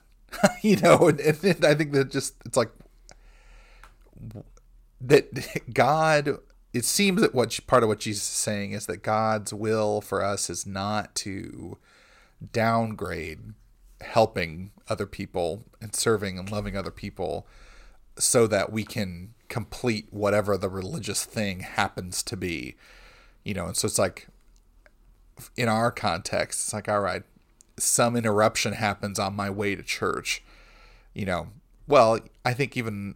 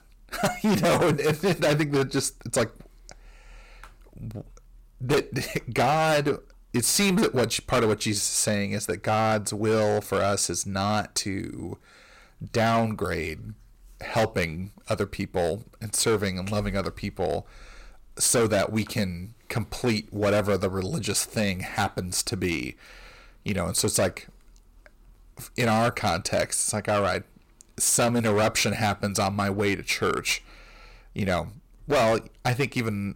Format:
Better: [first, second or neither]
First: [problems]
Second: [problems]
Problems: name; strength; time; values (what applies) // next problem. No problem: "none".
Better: first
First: none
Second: distortion; heavy; 8% of the sound clipped